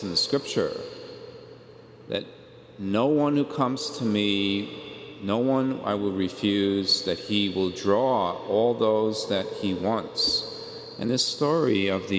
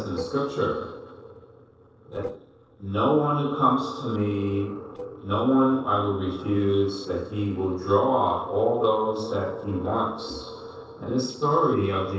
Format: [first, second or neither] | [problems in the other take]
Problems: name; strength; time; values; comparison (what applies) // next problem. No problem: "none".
first | noise reduction (neural separator model SepFormer DNS4)